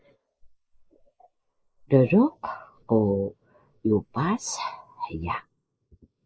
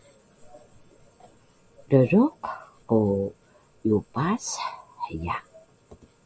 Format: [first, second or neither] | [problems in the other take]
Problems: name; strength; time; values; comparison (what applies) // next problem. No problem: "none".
second | noise reduction (neural mask model Resemble Enhance denoiser)